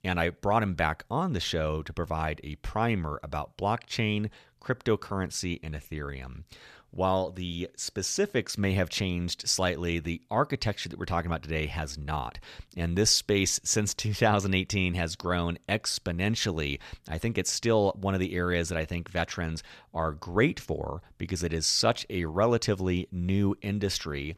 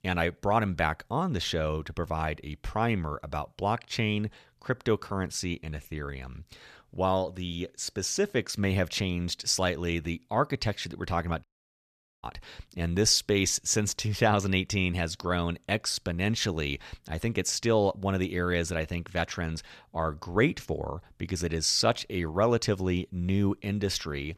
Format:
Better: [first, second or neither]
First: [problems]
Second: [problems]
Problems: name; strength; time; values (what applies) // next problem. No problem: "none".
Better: first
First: none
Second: audio cutting out; at 11 s for 1 s